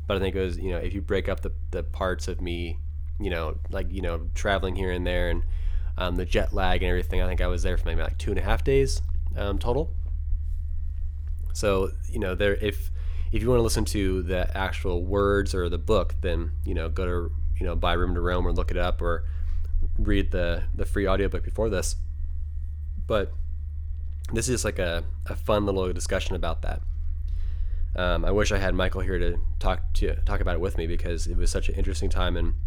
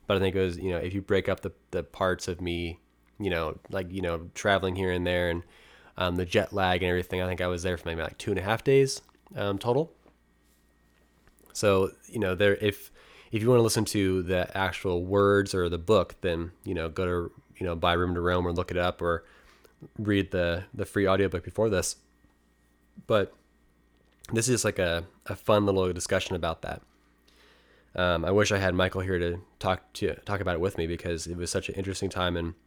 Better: second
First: low rumble; faint; throughout; 25 dB below the speech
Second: none

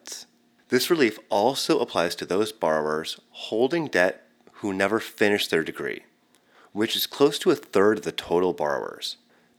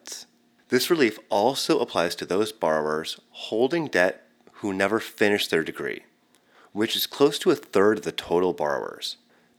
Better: neither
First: thin; very slightly; fading below 300 Hz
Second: thin; very slightly; fading below 300 Hz

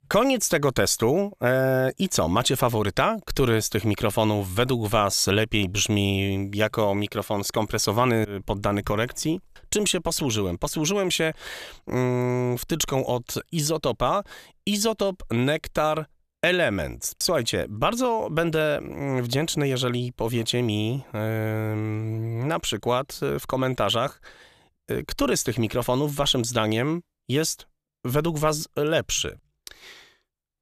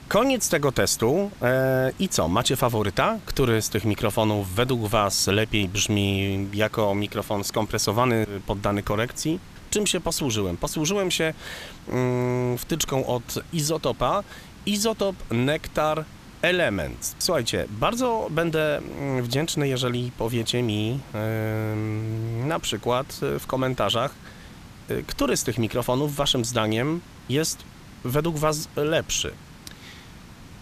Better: first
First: none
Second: hiss; faint; throughout; 20 dB below the speech

